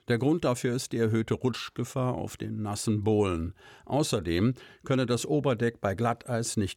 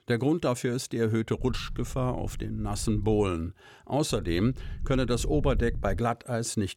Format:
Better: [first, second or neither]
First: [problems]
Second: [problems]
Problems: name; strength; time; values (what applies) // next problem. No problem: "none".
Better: first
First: none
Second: low rumble; faint; from 1.5 to 3.5 s and from 4 to 6 s; 25 dB below the speech